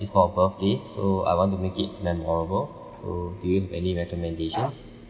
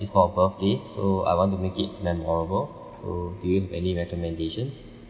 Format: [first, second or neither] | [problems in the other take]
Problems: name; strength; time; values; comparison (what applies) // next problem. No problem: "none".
second | background sound (Bark); 8 dB below the speech